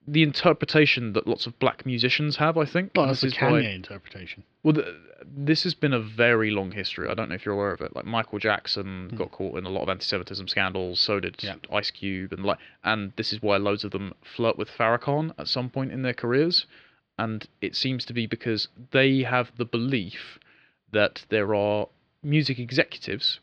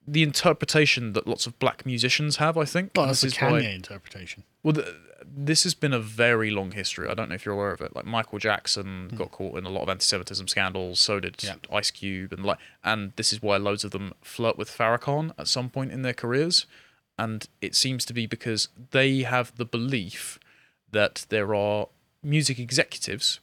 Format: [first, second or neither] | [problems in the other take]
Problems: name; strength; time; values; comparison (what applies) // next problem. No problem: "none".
second | muffled; very slightly; fading above 4.5 kHz